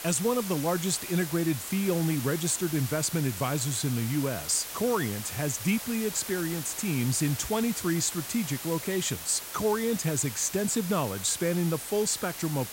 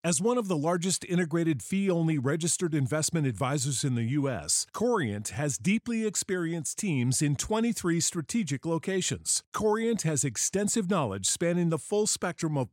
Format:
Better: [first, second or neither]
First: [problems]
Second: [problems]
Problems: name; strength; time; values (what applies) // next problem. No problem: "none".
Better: second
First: hiss; loud; throughout; 8 dB below the speech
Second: none